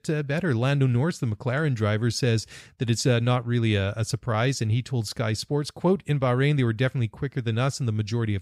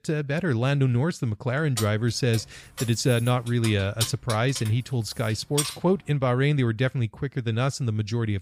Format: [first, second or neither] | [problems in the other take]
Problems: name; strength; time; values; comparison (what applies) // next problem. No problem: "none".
first | jangling keys; noticeable; from 2 to 5.5 s; peak 3 dB below the speech